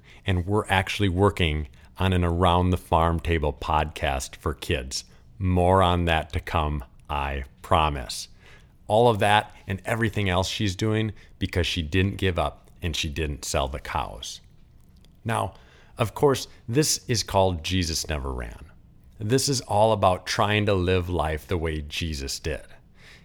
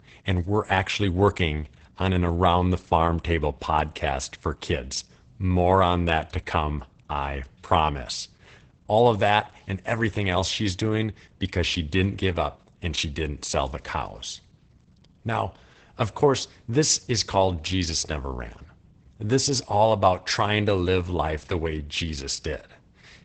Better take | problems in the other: first | garbled, watery; badly; nothing above 8 kHz

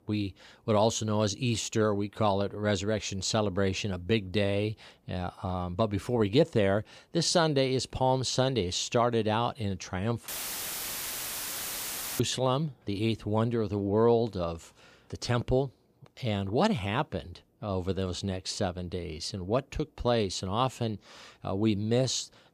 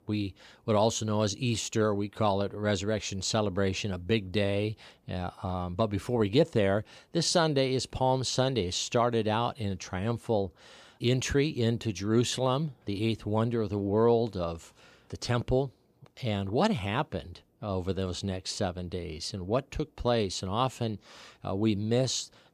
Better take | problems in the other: second | audio cutting out; filled with static; at 10 s for 2 s

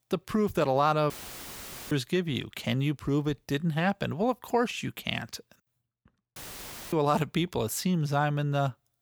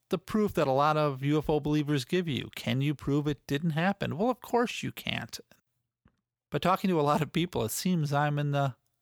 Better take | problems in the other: second | audio cutting out; filled with static; at 1 s for 1 s and at 6.5 s for 0.5 s

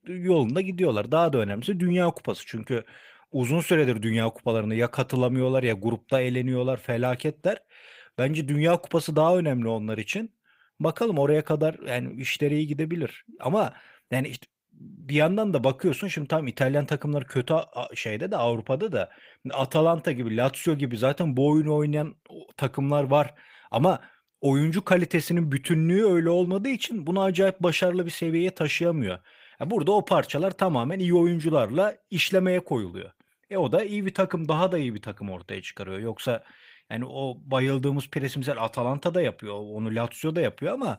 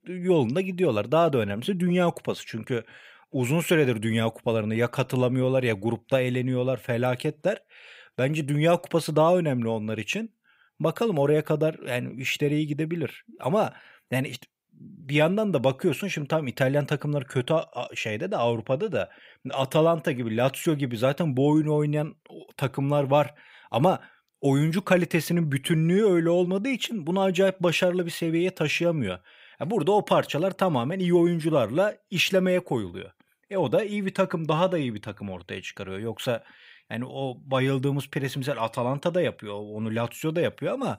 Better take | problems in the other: second | garbled, watery; slightly; nothing above 15.5 kHz

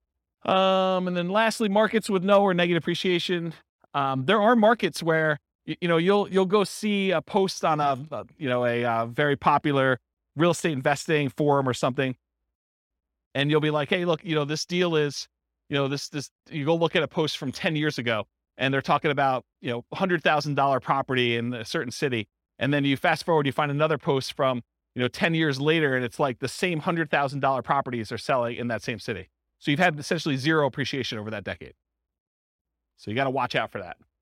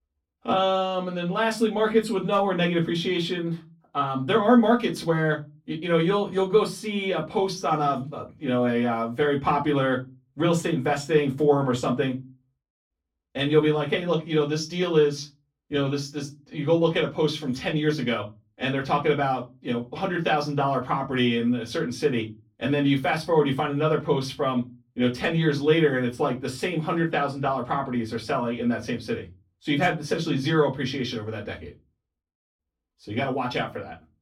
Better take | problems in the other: first | off-mic speech; far // room echo; very slight; dies away in 0.2 s

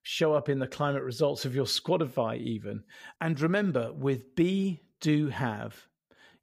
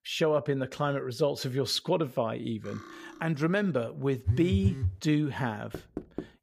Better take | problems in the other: first | clattering dishes; faint; at 2.5 s; peak 15 dB below the speech // phone ringing; loud; at 4.5 s; peak 1 dB above the speech // door banging; faint; at 5.5 s; peak 10 dB below the speech

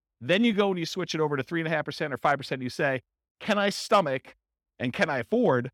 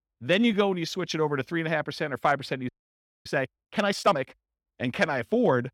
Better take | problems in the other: first | audio freezing; at 2.5 s for 0.5 s

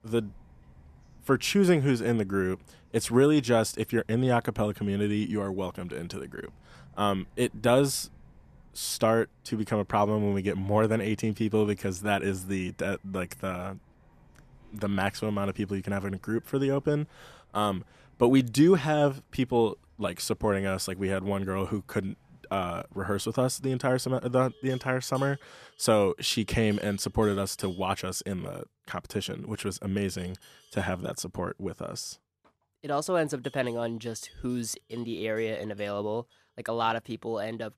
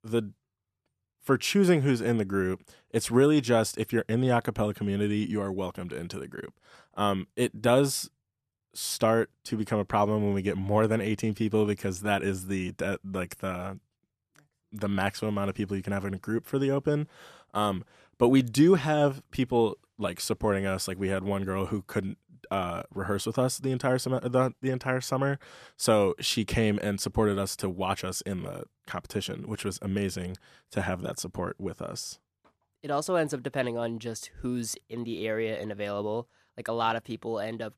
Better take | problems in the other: second | animal sounds; faint; throughout; 30 dB below the speech

